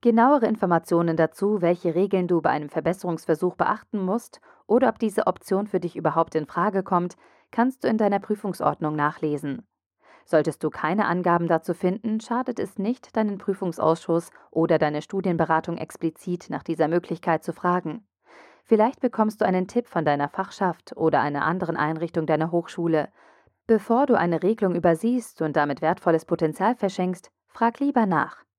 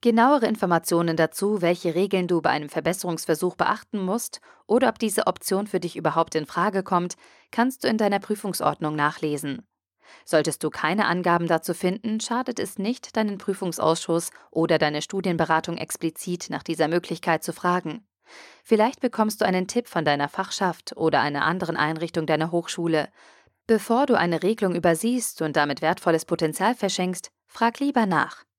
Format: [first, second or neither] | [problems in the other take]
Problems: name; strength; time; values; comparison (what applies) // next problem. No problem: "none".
second | muffled; slightly; fading above 2 kHz